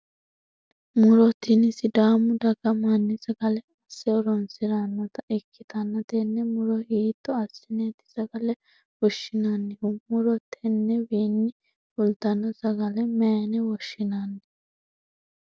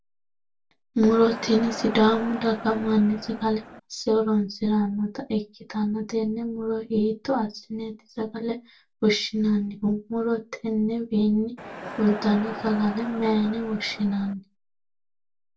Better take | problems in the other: first | background sound (Crowd); 12 dB below the speech // room echo; dies away in 0.1 s

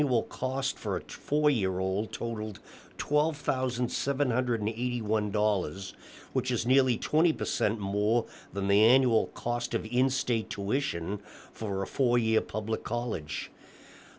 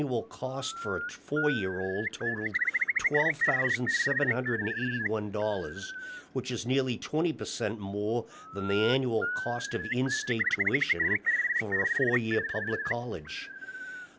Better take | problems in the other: first | background sound (Bird); 1 dB below the speech

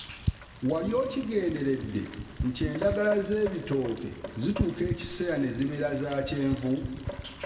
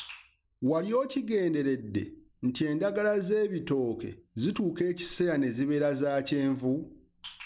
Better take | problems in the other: second | background sound (Rain); 8 dB below the speech // room echo; dies away in 1.6 s

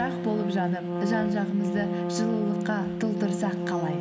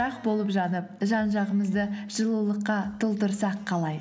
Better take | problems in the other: second | background sound (Trumpet); 2 dB below the speech

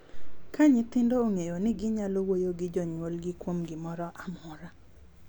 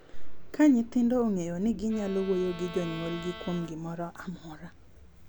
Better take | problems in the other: first | background sound (Bowed string instrument); 17 dB below the speech

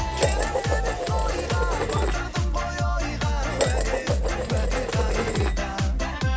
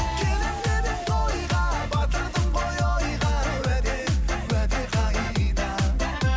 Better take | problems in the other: second | background sound (Dishes, pots, and pans); 6 dB below the speech

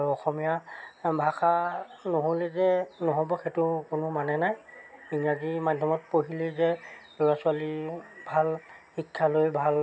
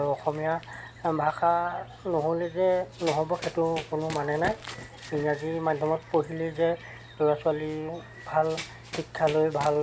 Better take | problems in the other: first | background sound (Run); 15 dB below the speech

